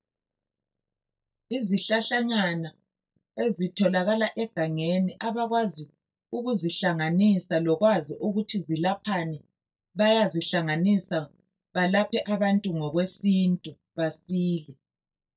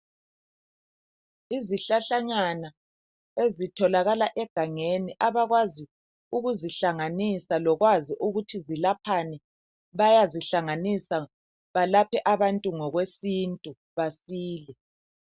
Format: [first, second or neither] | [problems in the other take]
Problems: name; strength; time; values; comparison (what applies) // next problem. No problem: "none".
second | noise reduction (neural mask model DeepFilterNet 3)